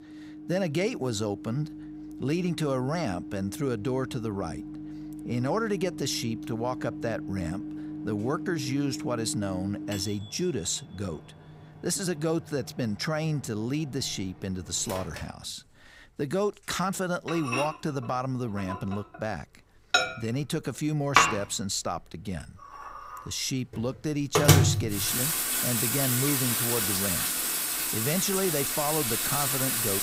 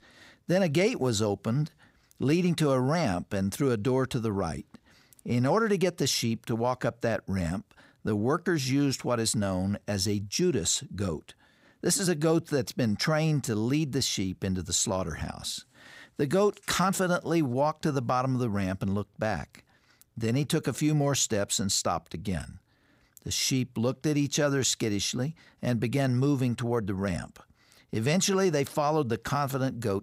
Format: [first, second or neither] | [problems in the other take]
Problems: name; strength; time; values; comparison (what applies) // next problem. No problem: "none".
second | household noises; very loud; throughout; 3 dB above the speech